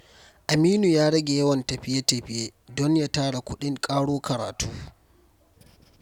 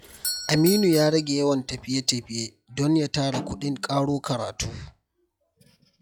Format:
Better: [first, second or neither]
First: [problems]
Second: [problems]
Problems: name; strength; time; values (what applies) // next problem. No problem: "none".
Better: first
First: none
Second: noise reduction (classical method log-MMSE)